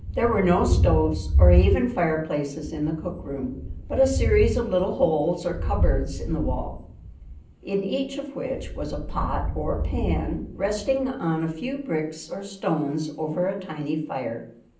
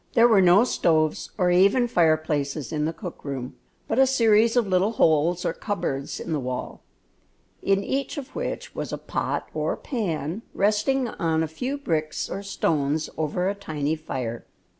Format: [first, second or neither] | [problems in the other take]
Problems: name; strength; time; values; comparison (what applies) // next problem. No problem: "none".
second | background sound (Thunder); 1 dB below the speech // room echo; dies away in 0.6 s